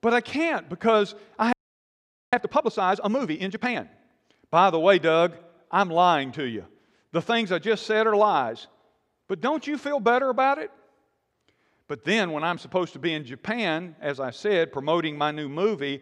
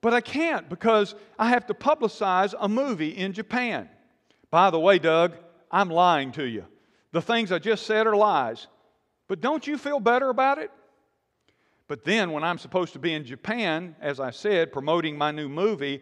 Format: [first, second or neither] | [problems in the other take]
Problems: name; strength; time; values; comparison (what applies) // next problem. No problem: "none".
second | audio freezing; at 1.5 s for 1 s